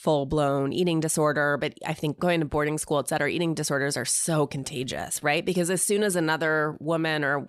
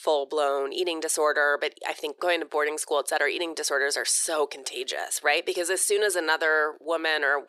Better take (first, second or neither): first